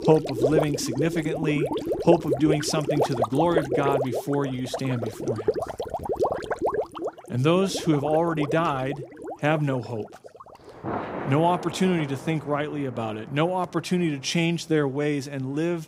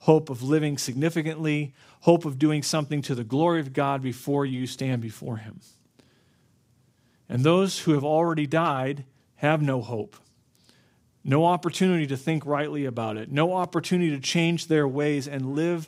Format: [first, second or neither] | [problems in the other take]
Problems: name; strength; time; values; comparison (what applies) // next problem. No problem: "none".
second | rain or running water; loud; throughout; 4 dB below the speech